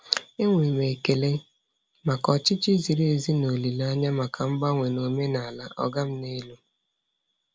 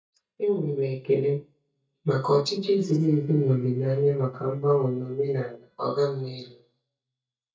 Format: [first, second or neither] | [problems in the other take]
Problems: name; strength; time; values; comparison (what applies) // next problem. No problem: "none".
first | noise reduction (neural mask model DeepFilterNet 3)